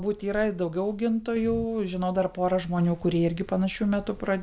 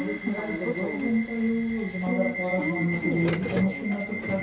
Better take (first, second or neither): first